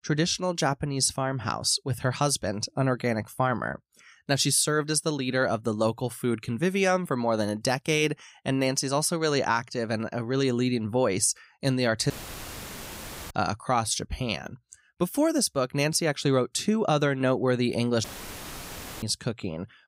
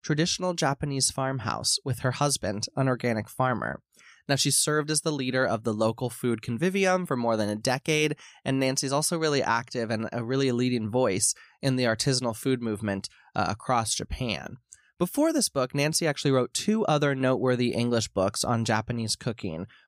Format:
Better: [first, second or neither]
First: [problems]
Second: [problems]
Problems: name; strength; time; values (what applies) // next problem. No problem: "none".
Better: second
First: audio cutting out; filled with static; at 12 s for 1 s and at 18 s for 1 s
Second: none